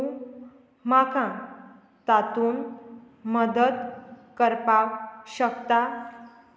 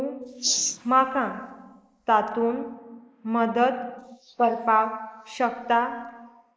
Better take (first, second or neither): first